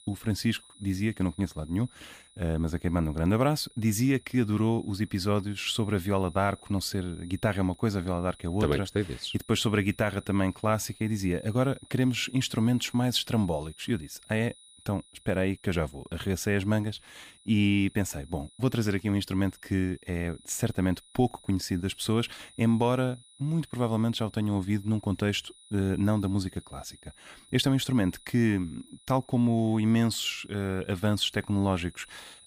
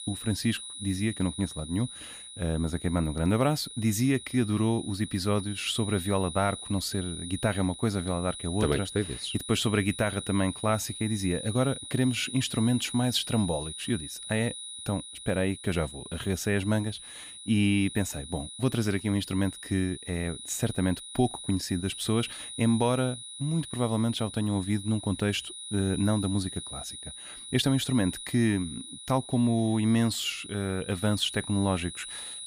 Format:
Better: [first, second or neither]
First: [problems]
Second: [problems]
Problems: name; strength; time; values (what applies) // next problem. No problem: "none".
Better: first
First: high-pitched whine; faint; throughout; 9.5 kHz, 25 dB below the speech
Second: high-pitched whine; loud; throughout; 9.5 kHz, 10 dB below the speech